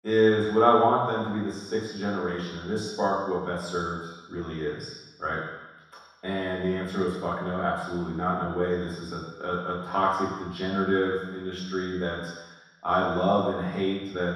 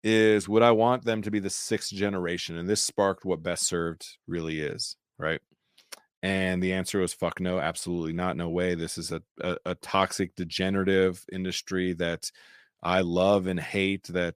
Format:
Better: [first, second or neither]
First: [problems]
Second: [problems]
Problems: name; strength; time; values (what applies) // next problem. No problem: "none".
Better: second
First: room echo; strong; dies away in 1.2 s // off-mic speech; far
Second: none